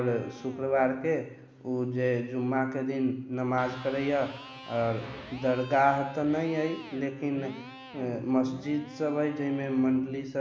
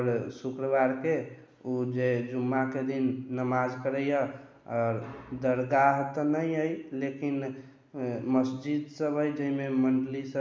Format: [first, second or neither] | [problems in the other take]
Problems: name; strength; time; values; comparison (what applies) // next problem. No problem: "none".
second | background sound (Electric guitar); 18 dB below the speech